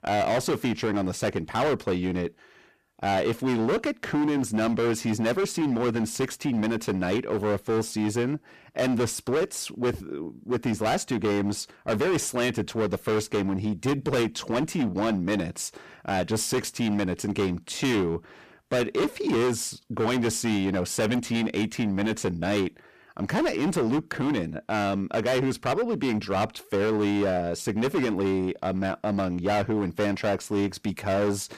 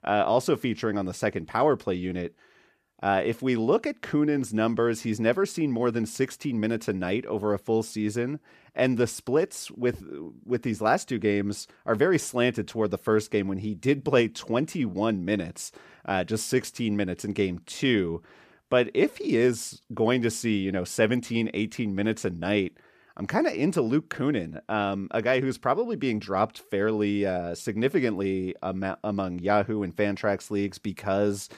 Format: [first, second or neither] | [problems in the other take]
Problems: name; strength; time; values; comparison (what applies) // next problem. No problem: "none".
second | distortion; heavy; 18% of the sound clipped